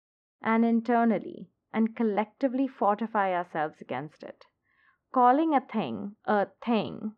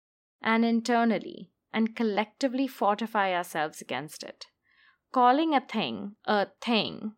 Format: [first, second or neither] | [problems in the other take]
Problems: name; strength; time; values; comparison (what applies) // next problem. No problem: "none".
second | muffled; very; fading above 1.5 kHz